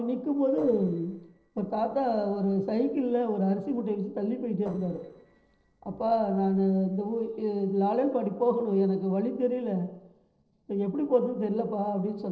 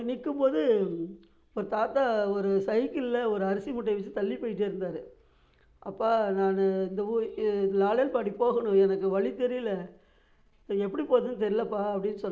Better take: second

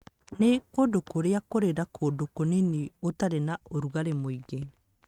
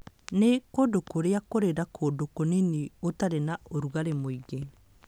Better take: second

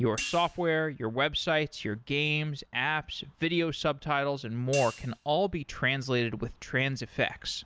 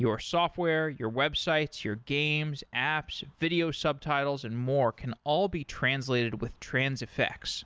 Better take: second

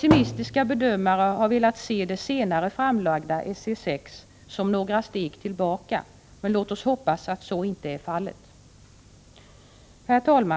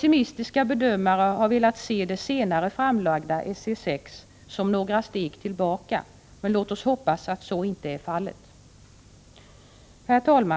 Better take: second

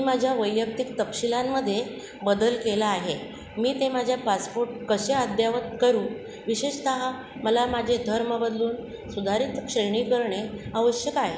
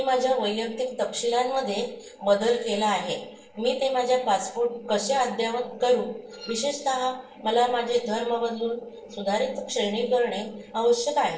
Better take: first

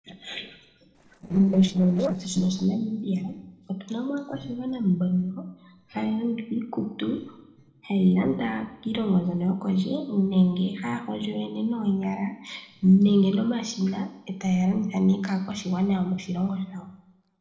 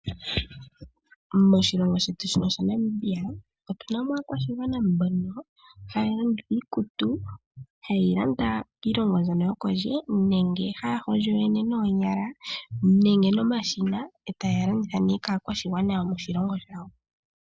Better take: second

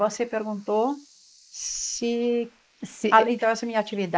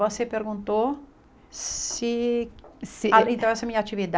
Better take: second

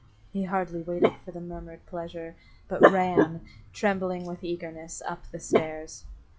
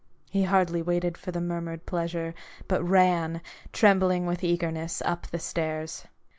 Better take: second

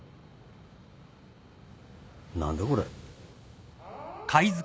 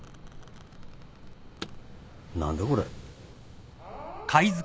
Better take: first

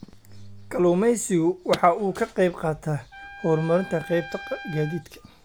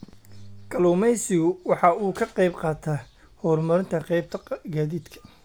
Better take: second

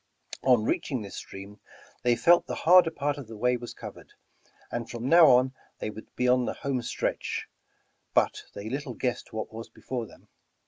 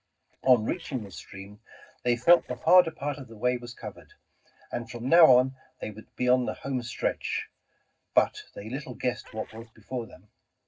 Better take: first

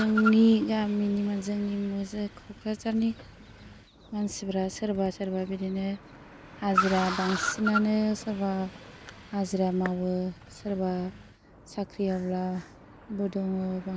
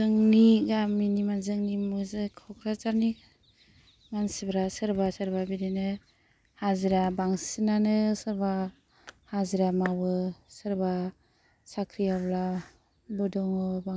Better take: second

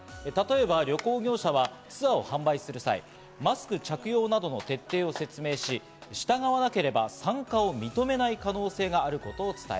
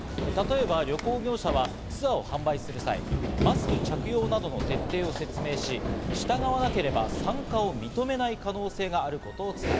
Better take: first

